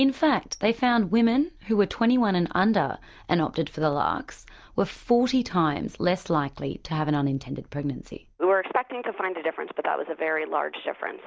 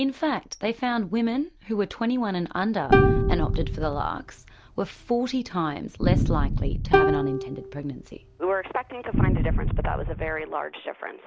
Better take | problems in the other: first | background sound (Plucked string instrument + Boom); 4 dB above the speech

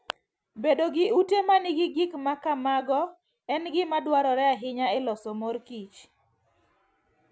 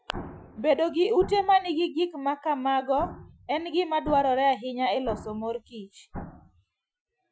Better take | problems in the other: first | noise reduction (classical method Wiener filter)

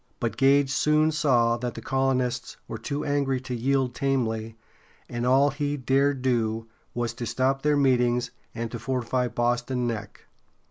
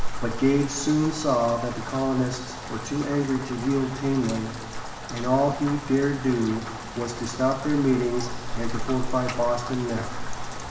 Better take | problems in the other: first | background sound (Rain); 6 dB below the speech // room echo; dies away in 1 s

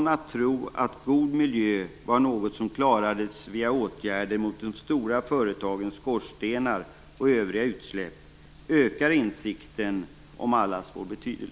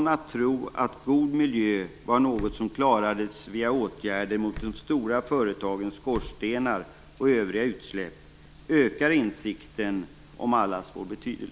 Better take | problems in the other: first | background sound (Slam); 17 dB below the speech

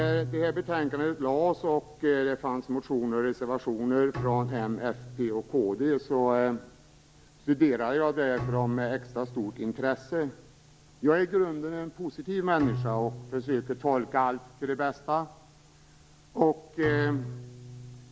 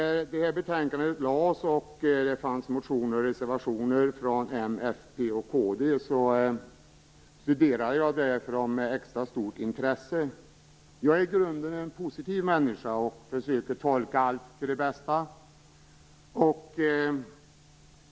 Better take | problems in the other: second | background sound (Bowed string instrument); 11 dB below the speech

